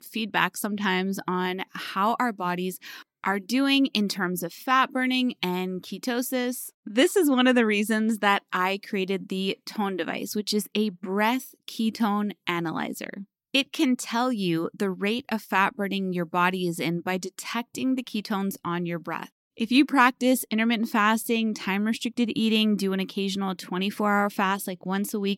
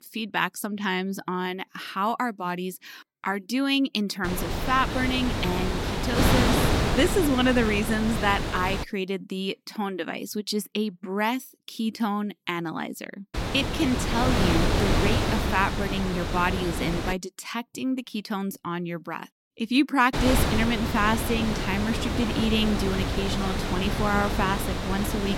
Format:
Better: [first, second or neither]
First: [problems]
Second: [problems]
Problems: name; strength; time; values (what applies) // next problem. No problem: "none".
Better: first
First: none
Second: wind noise on the microphone; heavy; from 4 to 9 s, from 13 to 17 s and from 20 s on; 2 dB below the speech